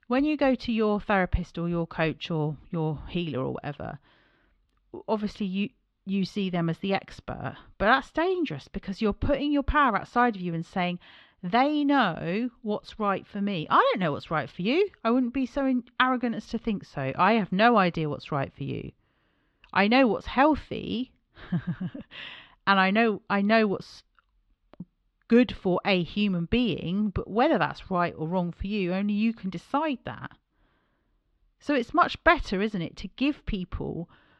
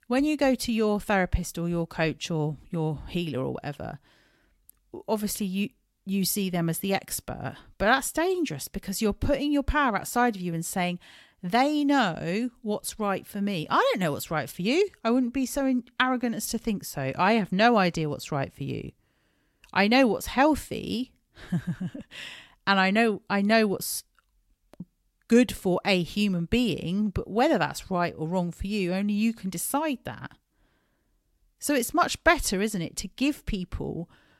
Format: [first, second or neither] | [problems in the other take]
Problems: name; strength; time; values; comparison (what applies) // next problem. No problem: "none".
second | muffled; slightly; fading above 3.5 kHz